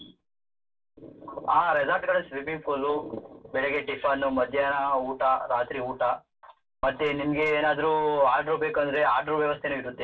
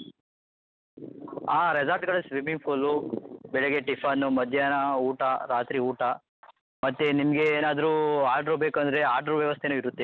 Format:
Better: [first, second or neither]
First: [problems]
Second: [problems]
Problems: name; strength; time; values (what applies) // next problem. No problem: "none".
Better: second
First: room echo; dies away in 0.2 s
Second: none